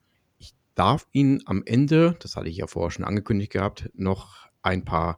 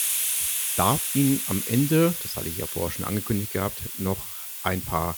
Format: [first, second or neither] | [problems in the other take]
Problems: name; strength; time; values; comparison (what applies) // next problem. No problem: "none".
first | hiss; loud; throughout; 1 dB below the speech